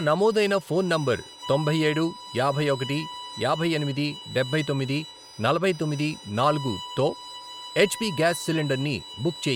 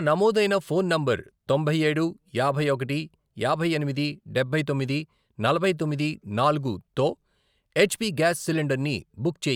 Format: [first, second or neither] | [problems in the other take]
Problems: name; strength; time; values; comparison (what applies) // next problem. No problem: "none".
second | background sound (Bowed string instrument); 14 dB below the speech